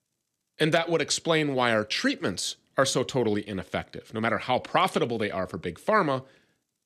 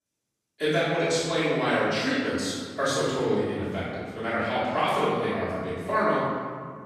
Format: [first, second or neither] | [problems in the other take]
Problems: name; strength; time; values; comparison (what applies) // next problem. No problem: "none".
first | off-mic speech; far // room echo; strong; dies away in 1.6 s